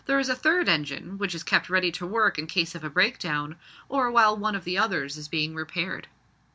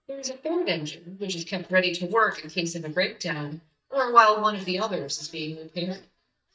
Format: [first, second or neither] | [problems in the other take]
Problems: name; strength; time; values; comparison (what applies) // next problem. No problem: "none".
first | noise reduction (neural mask model DeepFilterNet 3)